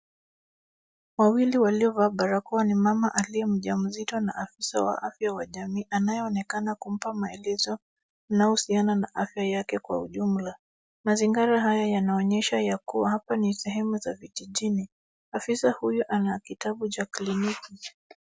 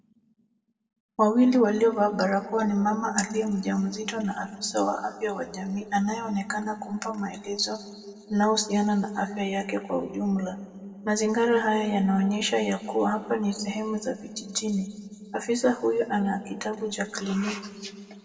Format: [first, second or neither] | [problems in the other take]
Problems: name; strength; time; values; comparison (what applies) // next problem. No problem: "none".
first | room echo; dies away in 1.8 s